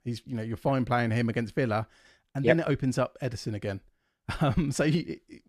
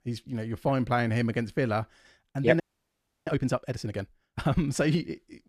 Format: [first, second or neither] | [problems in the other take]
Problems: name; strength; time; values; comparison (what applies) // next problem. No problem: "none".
first | audio freezing; at 2.5 s for 0.5 s